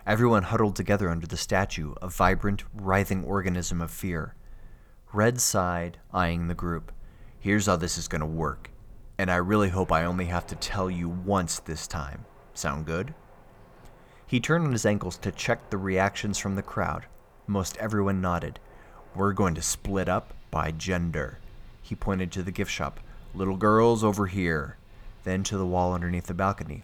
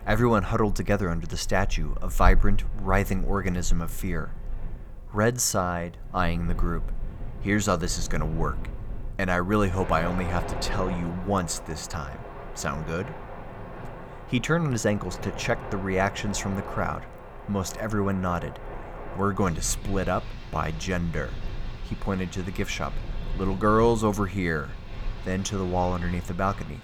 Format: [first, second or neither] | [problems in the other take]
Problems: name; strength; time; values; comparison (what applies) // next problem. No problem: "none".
first | wind in the background; loud; throughout; 10 dB below the speech; faint in the first